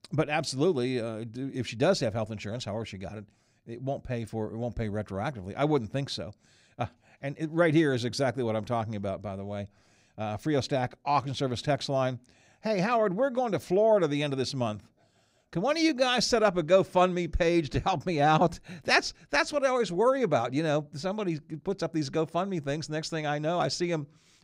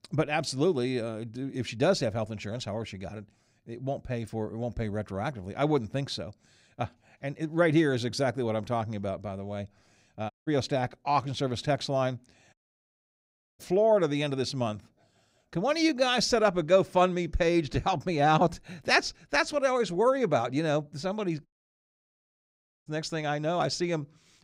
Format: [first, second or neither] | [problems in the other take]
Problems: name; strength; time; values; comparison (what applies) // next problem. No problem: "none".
first | audio cutting out; at 10 s, at 13 s for 1 s and at 21 s for 1.5 s